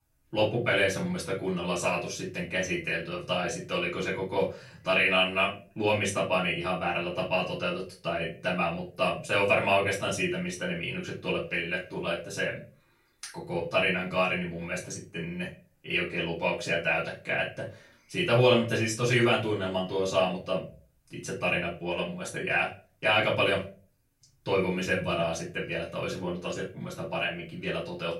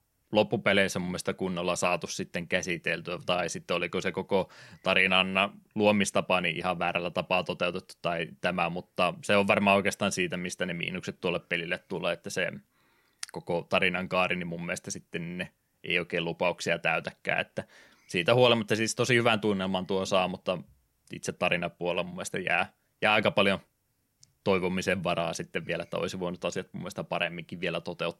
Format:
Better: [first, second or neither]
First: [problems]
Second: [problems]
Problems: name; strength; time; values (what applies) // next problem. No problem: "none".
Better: second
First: off-mic speech; far // room echo; slight; dies away in 0.3 s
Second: none